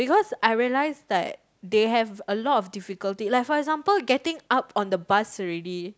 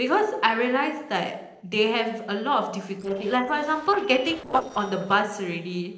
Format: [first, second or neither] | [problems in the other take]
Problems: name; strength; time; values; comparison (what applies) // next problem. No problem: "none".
first | noise reduction (neural separator model SepFormer DNS4)